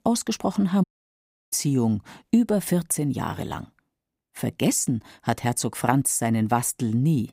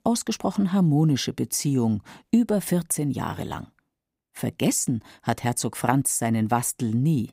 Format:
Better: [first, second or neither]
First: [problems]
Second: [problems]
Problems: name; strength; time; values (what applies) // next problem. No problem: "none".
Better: second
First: audio cutting out; at 1 s for 0.5 s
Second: none